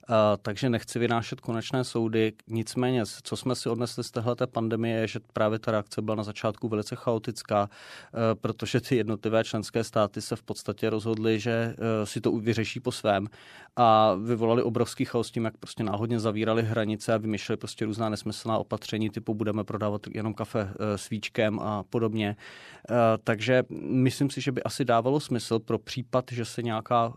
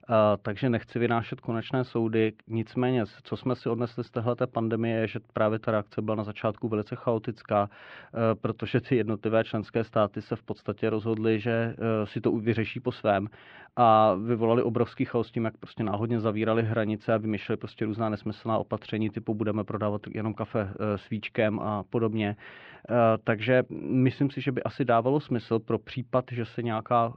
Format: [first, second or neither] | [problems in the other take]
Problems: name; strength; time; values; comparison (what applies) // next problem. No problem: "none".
first | muffled; very; fading above 3 kHz